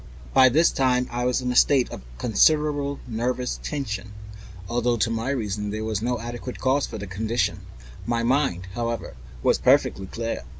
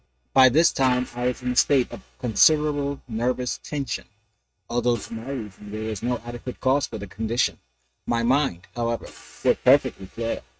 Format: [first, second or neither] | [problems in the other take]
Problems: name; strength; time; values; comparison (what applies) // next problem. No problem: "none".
first | noise reduction (neural mask model RNNoise)